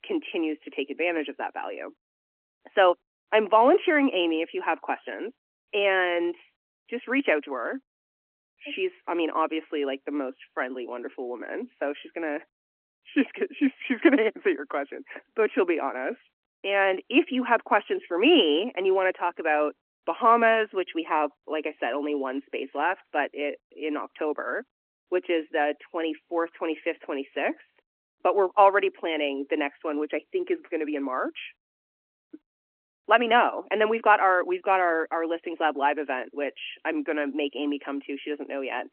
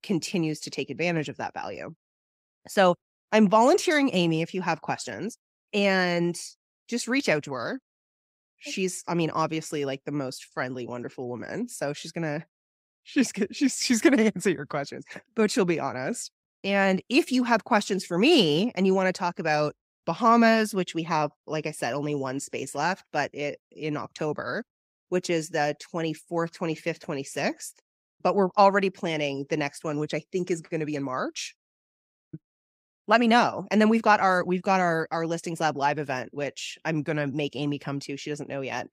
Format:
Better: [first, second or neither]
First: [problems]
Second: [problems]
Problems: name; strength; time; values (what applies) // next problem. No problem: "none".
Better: second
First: phone-call audio; nothing above 3 kHz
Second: none